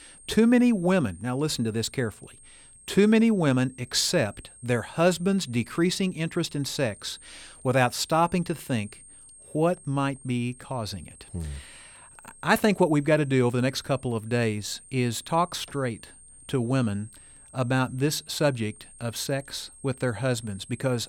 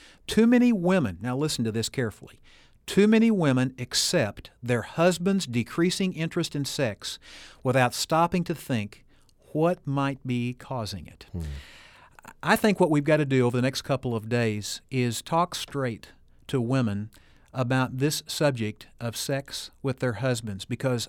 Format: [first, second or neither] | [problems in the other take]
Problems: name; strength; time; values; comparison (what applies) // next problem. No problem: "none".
second | high-pitched whine; faint; throughout; 8.5 kHz, 20 dB below the speech